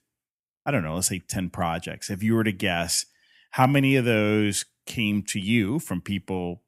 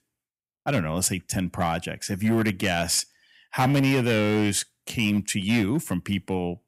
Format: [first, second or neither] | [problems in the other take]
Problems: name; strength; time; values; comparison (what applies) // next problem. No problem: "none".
first | distortion; slight; 5% of the sound clipped